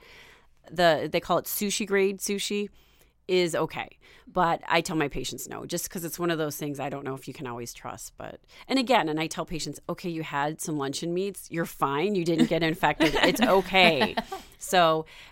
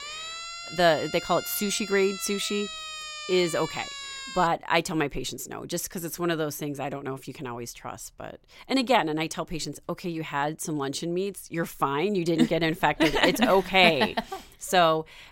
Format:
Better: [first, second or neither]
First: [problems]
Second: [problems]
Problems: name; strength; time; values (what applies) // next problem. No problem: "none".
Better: first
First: none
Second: siren; noticeable; until 4.5 s; peak 9 dB below the speech